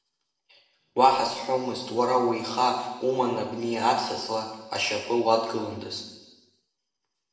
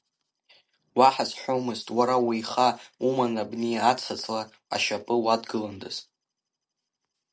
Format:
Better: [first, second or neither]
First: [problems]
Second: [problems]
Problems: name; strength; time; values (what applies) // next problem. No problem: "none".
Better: second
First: room echo; dies away in 1.1 s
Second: none